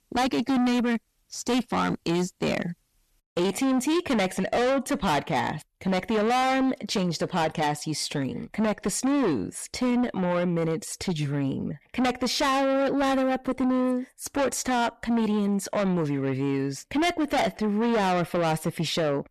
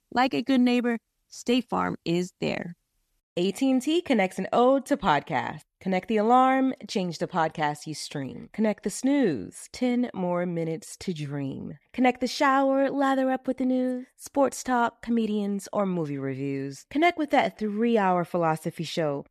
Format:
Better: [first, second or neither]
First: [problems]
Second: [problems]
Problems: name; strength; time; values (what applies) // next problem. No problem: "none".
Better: second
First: distortion; heavy; 6 dB below the speech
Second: none